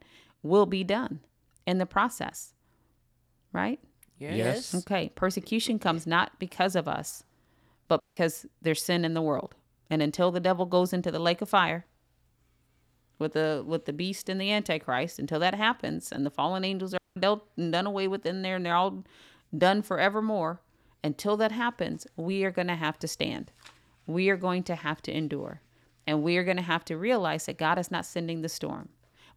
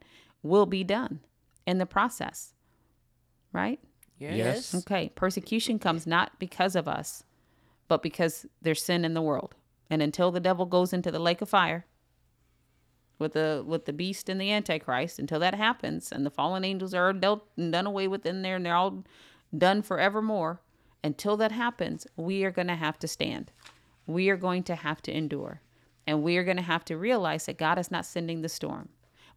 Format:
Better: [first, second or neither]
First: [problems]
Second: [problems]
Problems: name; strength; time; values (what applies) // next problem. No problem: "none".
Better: second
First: audio cutting out; at 8 s and at 17 s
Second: none